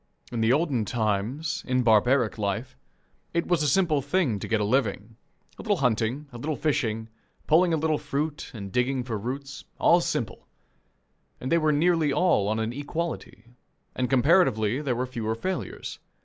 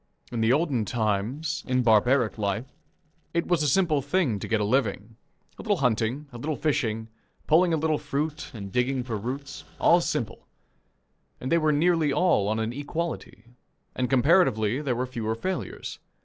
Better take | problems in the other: first | noise reduction (neural separator model SepFormer DNS4)

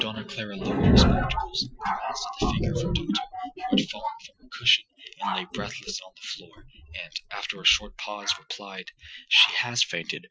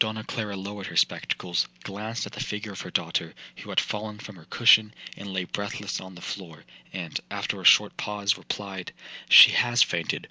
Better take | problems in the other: second | noise reduction (classical method Wiener filter)

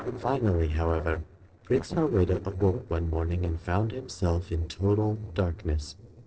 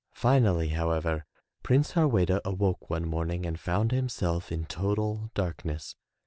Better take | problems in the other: second | noise reduction (neural separator model SepFormer DNS4)

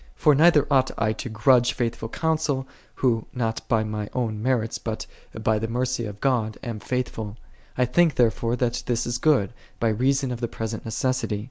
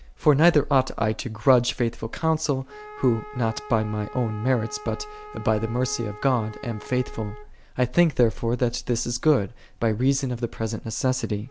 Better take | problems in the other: first | background sound (Wind instrument, woodwind instrument); 20 dB below the speech

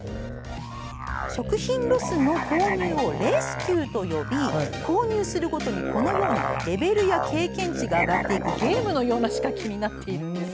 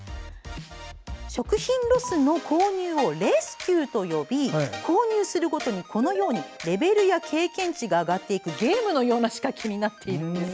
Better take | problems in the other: second | background sound (Musical instrument); 4 dB below the speech

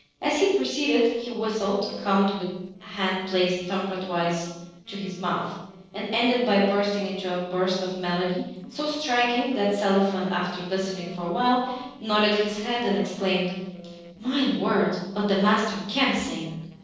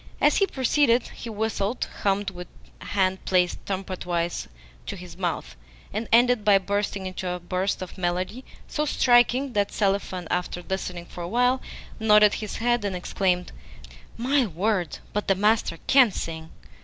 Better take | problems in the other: second | noise reduction (neural separator model SepFormer DNS4)

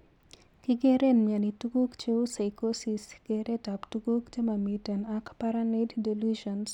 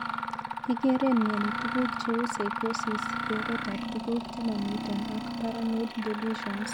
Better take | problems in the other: first | background sound (Mechanisms); 3 dB below the speech

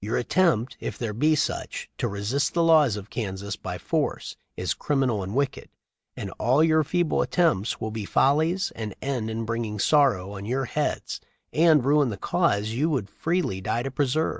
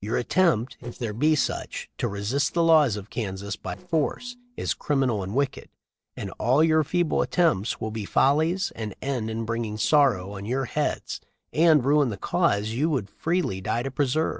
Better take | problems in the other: first | noise reduction (neural separator model SepFormer DNS4)

